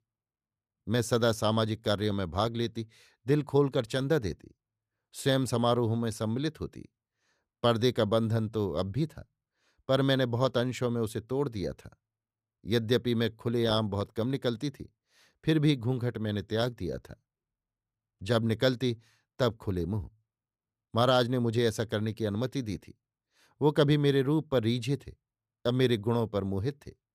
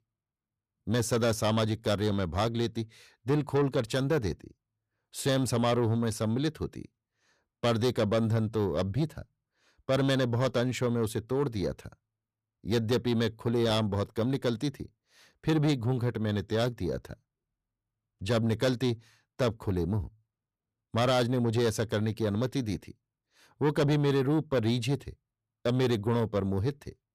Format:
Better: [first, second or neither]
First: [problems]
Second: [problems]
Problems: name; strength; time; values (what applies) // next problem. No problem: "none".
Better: first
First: none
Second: distortion; slight; 10 dB below the speech